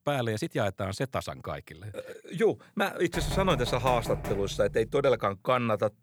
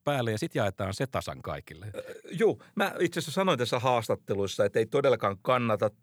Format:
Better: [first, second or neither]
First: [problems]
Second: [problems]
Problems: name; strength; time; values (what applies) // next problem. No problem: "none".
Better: second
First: door banging; noticeable; from 3 to 5 s; peak 5 dB below the speech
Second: none